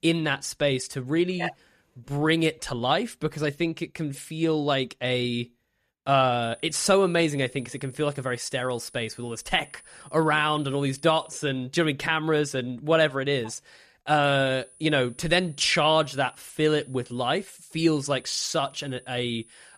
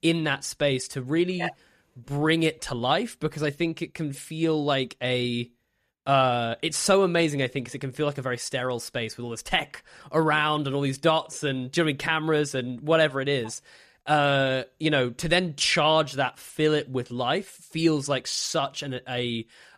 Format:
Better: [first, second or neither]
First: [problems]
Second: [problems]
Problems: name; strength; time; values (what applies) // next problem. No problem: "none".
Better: second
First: high-pitched whine; faint; from 6.5 to 11 s and from 14 s on; 10 kHz, 25 dB below the speech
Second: none